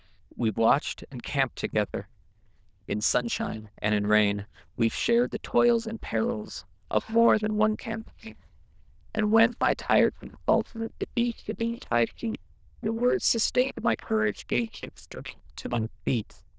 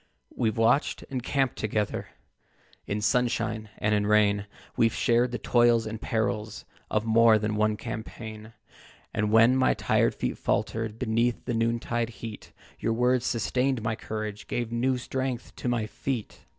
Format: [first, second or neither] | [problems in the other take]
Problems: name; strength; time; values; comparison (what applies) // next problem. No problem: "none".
second | noise reduction (neural diffusion model UNIVERSE++)